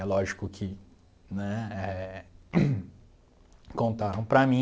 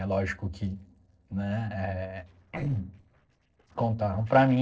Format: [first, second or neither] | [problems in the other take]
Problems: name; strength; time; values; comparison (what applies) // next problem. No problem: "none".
first | noise reduction (neural separator model SepFormer DNS4)